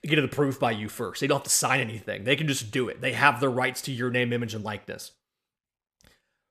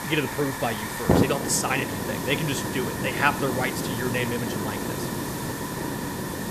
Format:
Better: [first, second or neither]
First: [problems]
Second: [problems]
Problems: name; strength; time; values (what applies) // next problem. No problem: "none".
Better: first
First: none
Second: hiss; loud; throughout; 1 dB below the speech